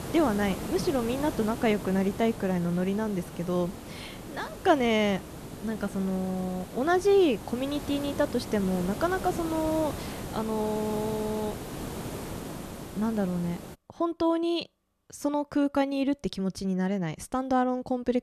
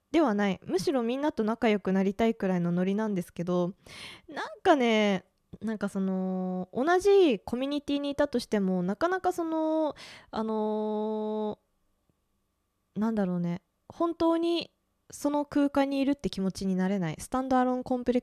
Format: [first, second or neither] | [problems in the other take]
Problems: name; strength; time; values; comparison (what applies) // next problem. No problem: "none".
second | hiss; noticeable; until 14 s; 10 dB below the speech